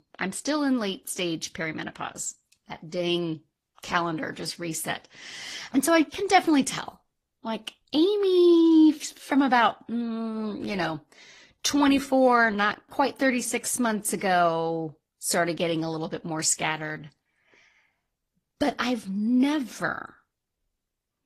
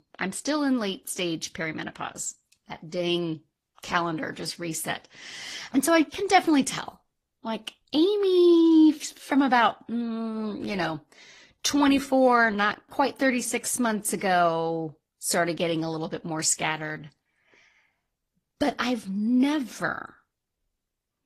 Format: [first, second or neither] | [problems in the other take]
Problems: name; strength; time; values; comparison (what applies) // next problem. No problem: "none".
neither | garbled, watery; slightly; the same in both